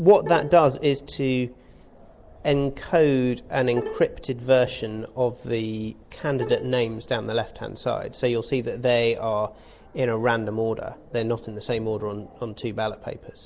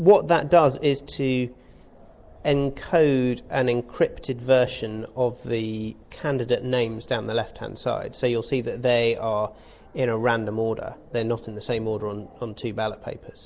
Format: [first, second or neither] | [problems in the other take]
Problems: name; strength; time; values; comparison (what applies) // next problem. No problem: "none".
second | background sound (Bowed string instrument); 12 dB below the speech